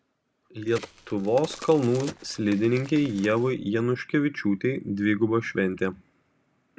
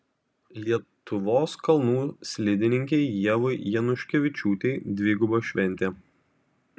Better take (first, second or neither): second